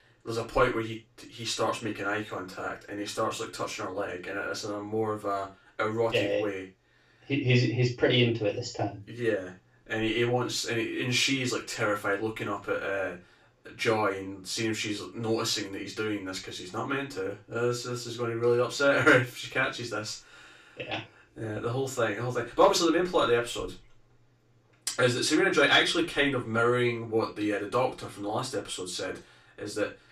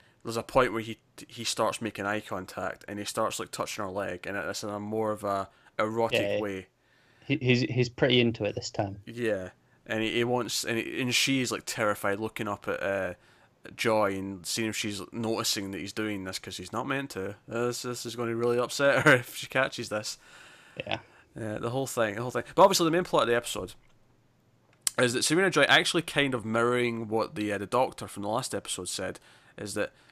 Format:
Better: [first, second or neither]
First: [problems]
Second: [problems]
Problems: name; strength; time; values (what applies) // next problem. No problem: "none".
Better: second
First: room echo; slight; dies away in 0.2 s // off-mic speech; far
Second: none